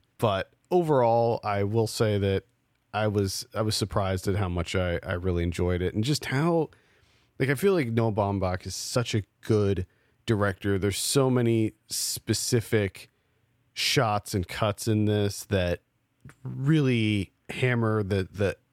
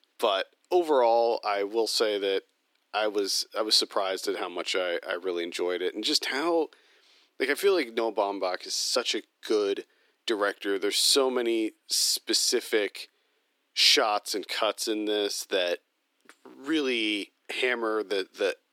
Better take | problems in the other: first | thin; very; fading below 300 Hz

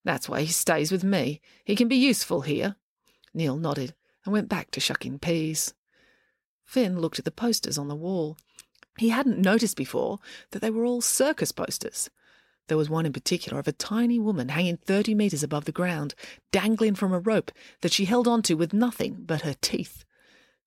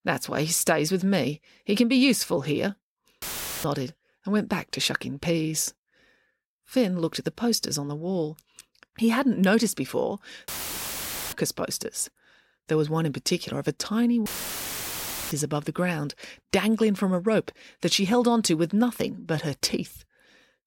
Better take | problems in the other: first | audio cutting out; filled with static; at 3 s, at 10 s for 1 s and at 14 s for 1 s

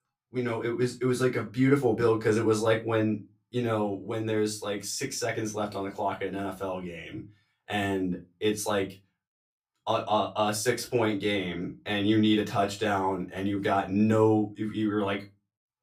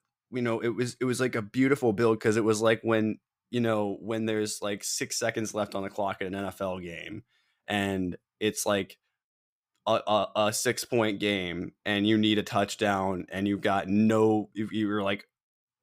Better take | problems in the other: second | off-mic speech; far // room echo; very slight; dies away in 0.2 s

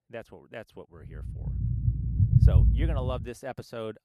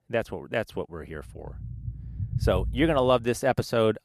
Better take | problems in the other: second | low rumble; loud; from 1 to 3 s; 1 dB below the speech; faint in the second

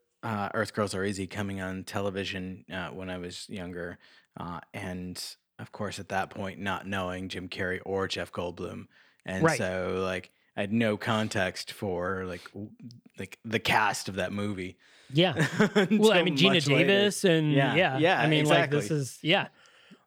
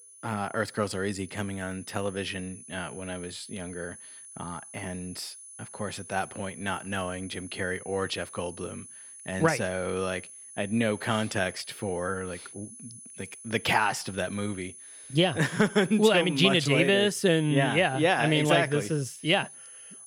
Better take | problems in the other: first | high-pitched whine; noticeable; throughout; 10 kHz, 15 dB below the speech

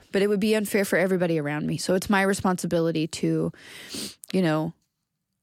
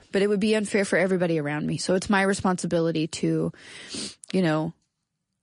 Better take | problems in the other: first | garbled, watery; slightly; nothing above 10.5 kHz

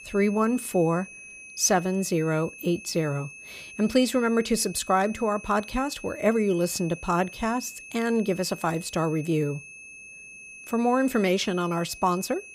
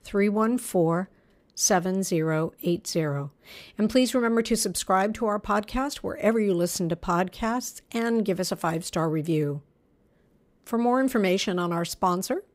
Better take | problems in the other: second | high-pitched whine; noticeable; throughout; 2.5 kHz, 15 dB below the speech

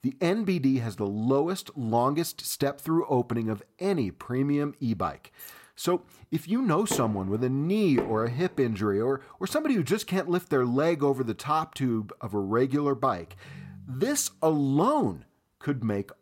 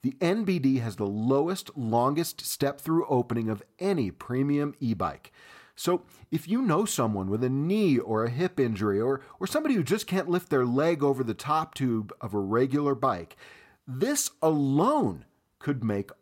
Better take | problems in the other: second | jangling keys; faint; at 5.5 s; peak 20 dB below the speech // door banging; noticeable; from 7 to 8.5 s; peak 7 dB below the speech // phone ringing; faint; from 13 to 14 s; peak 20 dB below the speech

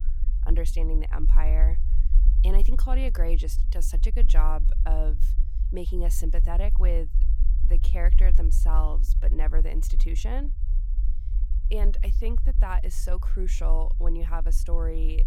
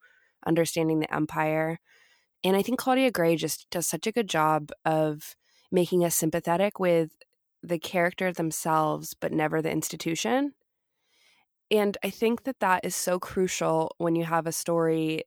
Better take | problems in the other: second | low rumble; noticeable; throughout; 10 dB below the speech

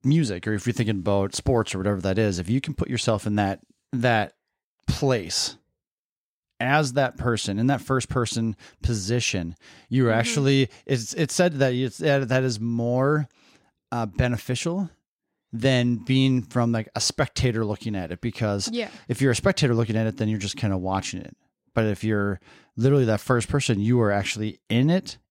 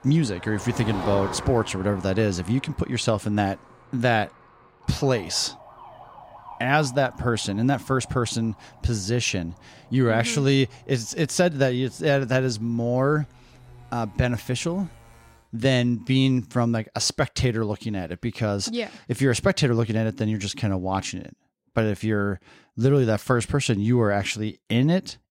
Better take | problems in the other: first | traffic noise; noticeable; until 15 s; 15 dB below the speech

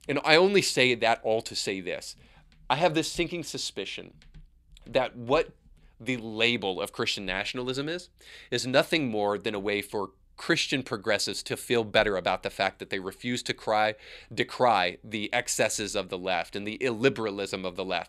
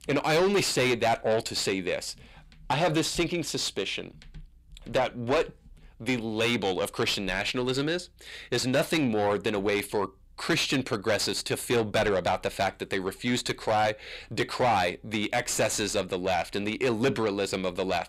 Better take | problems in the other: first | distortion; heavy; 6 dB below the speech

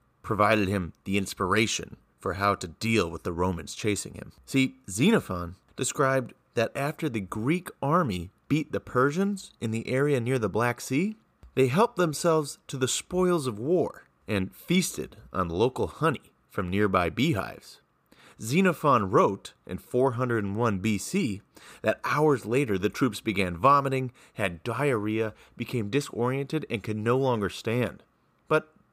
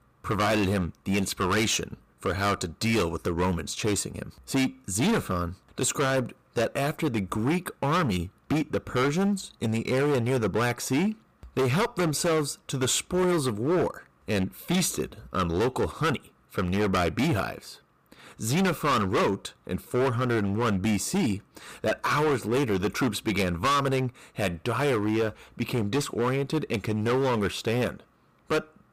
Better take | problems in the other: first | distortion; heavy; 15% of the sound clipped

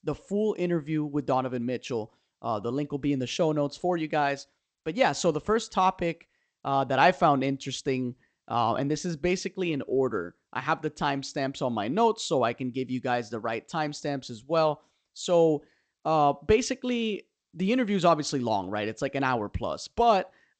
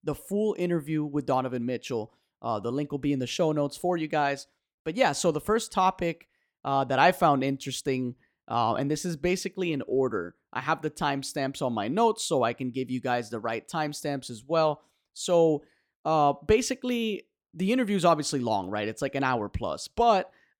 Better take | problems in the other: second | garbled, watery; slightly; nothing above 8 kHz

